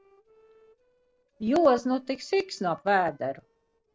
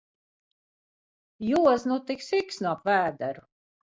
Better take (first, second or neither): second